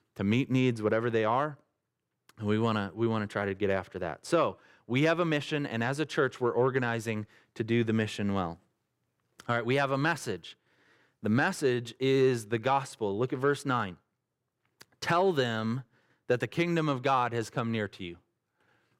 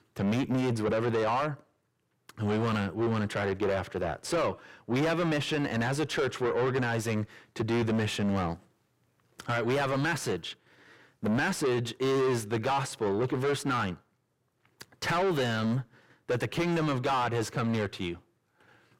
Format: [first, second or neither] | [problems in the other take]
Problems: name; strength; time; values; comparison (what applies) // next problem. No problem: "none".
first | distortion; heavy; 6 dB below the speech